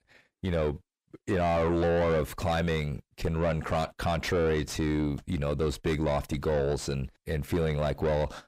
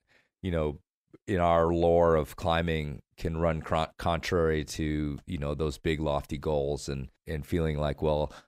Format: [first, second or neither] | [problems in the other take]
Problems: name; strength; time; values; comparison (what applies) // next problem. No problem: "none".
second | distortion; heavy; 6 dB below the speech